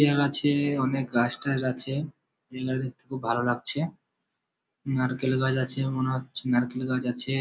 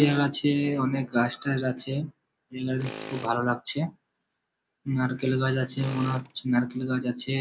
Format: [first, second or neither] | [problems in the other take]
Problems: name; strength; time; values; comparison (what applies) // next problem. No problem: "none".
first | background sound (Tools); 19 dB below the speech